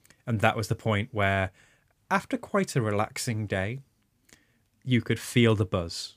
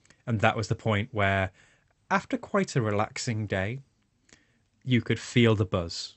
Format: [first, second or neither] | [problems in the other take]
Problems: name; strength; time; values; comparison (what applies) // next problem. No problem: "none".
first | garbled, watery; slightly; nothing above 8 kHz